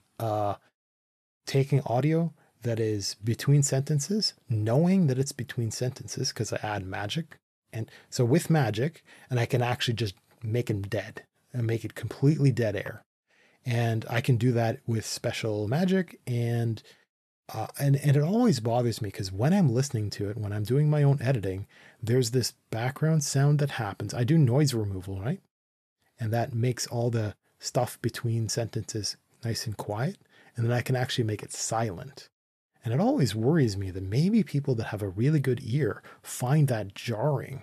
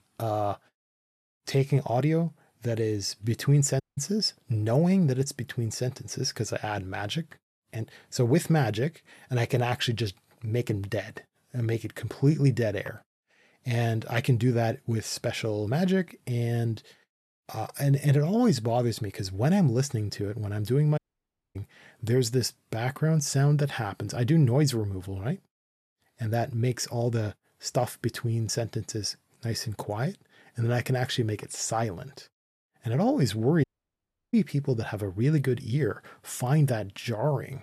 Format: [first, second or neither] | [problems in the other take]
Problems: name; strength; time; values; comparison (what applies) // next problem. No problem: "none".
first | audio cutting out; at 4 s, at 21 s for 0.5 s and at 34 s for 0.5 s